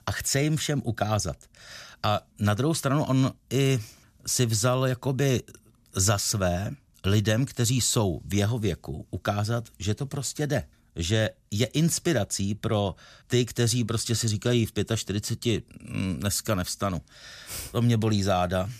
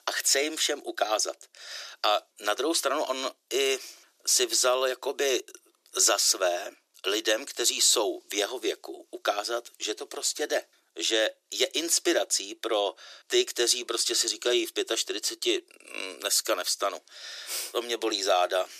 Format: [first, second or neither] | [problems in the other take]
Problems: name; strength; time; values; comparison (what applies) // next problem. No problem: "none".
first | thin; very; fading below 350 Hz